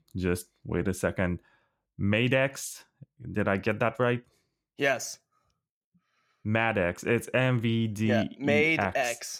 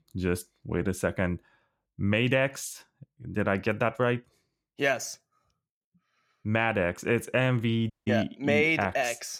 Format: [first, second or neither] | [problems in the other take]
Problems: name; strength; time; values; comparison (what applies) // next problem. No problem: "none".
first | audio cutting out; at 8 s